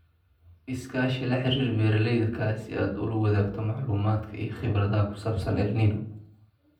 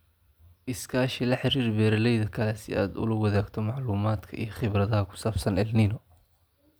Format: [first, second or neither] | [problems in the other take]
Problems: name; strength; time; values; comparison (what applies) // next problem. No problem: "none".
second | room echo; dies away in 0.6 s